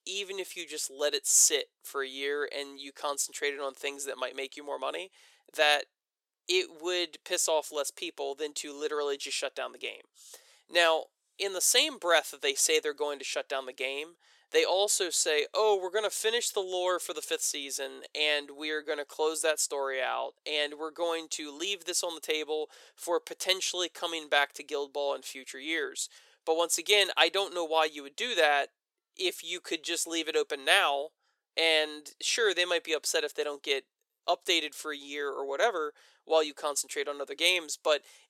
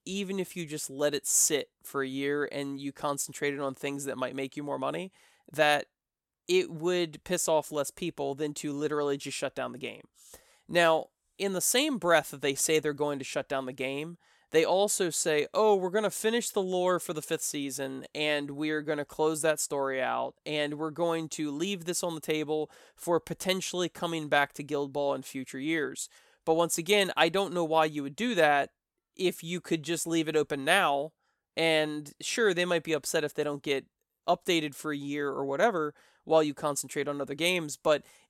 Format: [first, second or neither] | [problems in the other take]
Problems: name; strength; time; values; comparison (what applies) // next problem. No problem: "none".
second | thin; somewhat; fading below 400 Hz